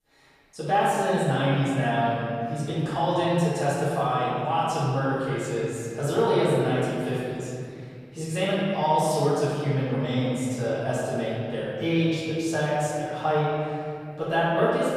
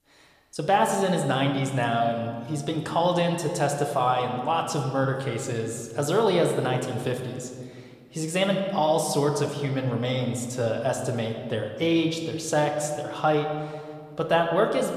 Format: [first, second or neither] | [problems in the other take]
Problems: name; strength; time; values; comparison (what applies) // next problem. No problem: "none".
second | room echo; strong; dies away in 2.6 s; slight in the second // off-mic speech; far